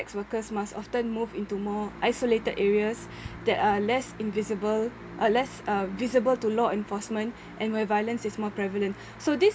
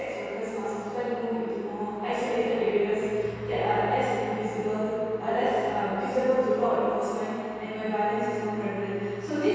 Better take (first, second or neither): first